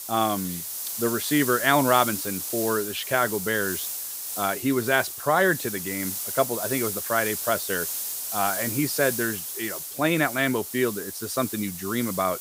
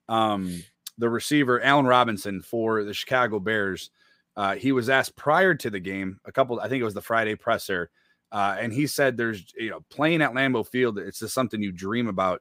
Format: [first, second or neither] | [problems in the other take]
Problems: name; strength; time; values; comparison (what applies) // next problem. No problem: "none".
second | hiss; loud; throughout; 4 dB below the speech